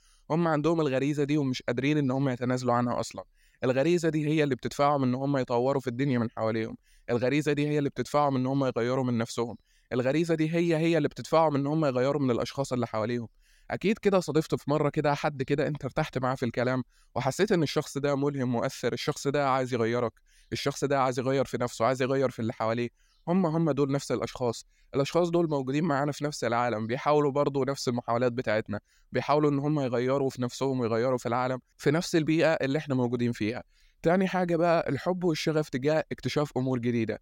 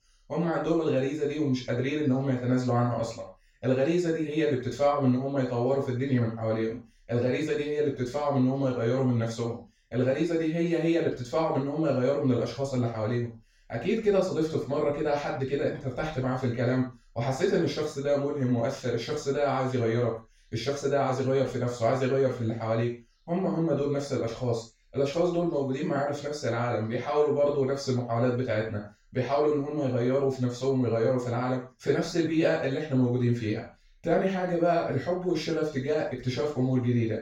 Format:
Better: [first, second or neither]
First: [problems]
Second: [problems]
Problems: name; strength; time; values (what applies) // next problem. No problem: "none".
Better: first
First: none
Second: room echo; noticeable; dies away in 0.3 s // off-mic speech; far